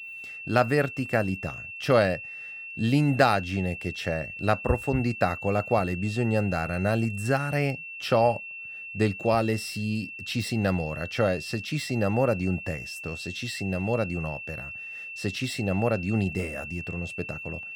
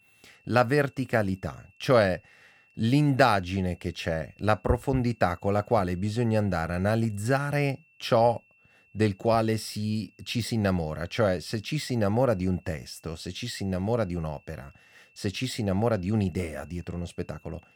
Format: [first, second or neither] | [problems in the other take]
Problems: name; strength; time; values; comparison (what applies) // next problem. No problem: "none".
second | high-pitched whine; loud; throughout; 2.5 kHz, 9 dB below the speech; faint in the second